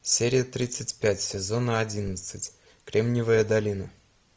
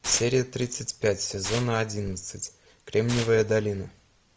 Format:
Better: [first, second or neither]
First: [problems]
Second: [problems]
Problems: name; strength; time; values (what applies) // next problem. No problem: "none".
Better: first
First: none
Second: background sound (Tearing); 13 dB below the speech